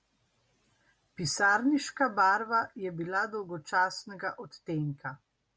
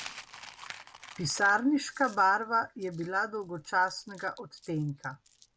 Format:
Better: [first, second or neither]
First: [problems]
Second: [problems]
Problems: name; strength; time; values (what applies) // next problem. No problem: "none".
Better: first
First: none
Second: background sound (Coin (dropping)); 20 dB below the speech